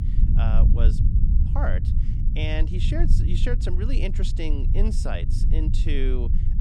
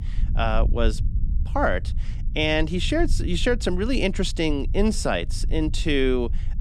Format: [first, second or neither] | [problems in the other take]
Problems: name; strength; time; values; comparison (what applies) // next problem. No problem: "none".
second | low rumble; loud; throughout; 6 dB below the speech; faint in the second